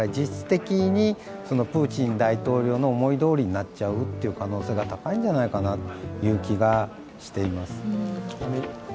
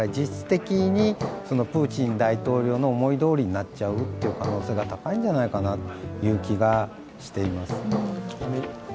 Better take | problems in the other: first | background sound (Hammer); 9 dB below the speech

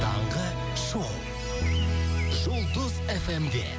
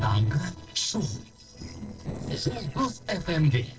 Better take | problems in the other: first | noise reduction (neural separator model SepFormer DNS4)

